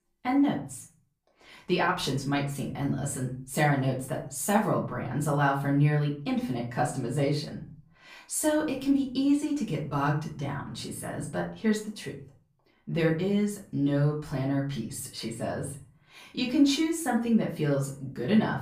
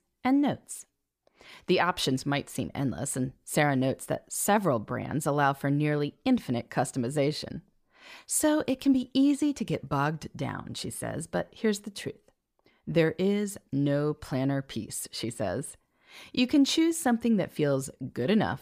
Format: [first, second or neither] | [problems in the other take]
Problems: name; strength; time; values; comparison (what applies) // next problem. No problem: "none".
second | off-mic speech; far // room echo; slight; dies away in 0.4 s